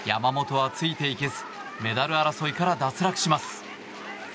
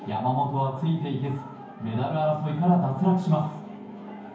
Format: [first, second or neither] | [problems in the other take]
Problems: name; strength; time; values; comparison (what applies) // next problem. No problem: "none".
first | room echo; dies away in 0.9 s